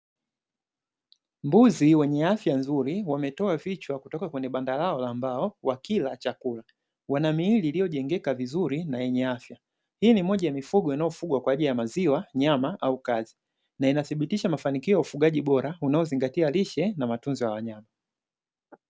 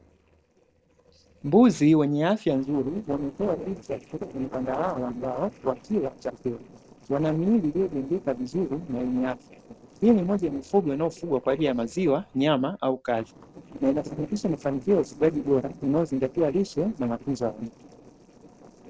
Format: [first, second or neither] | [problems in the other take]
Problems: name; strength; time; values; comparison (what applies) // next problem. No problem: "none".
first | noise reduction (neural separator model SepFormer DNS4)